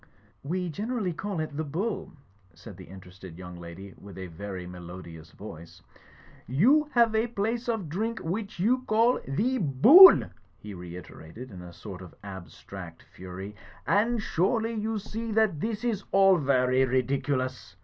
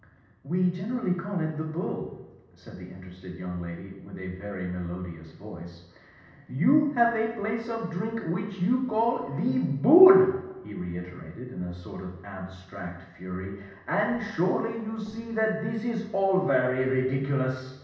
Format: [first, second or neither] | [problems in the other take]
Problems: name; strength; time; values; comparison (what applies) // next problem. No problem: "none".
first | room echo; dies away in 0.9 s